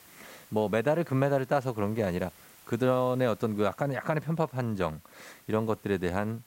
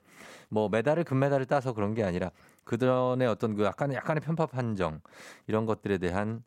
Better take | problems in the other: second | hiss; faint; throughout; 25 dB below the speech

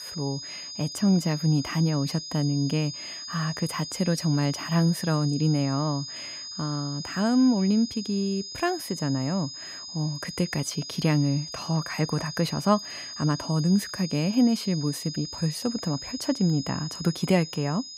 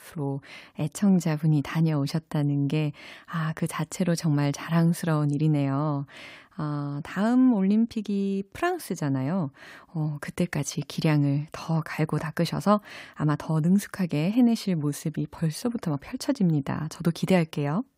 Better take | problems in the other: second | high-pitched whine; loud; throughout; 5 kHz, 9 dB below the speech

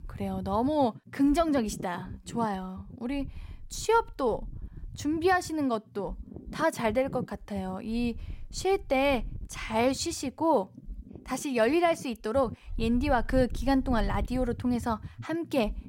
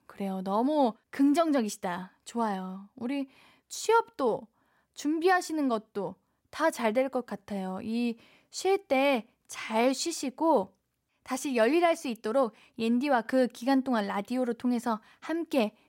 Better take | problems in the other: second | wind noise on the microphone; occasional gusts; 25 dB below the speech

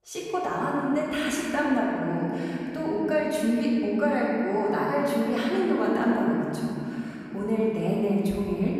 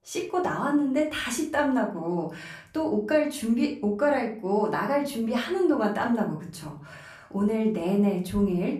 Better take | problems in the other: second | room echo; strong; dies away in 3 s; slight in the second // off-mic speech; far; far in the second

